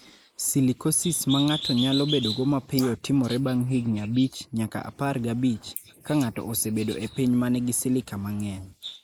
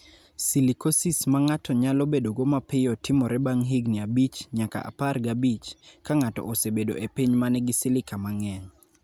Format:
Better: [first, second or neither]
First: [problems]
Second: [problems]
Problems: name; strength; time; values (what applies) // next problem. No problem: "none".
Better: second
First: noise reduction (neural mask model Resemble Enhance denoiser)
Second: none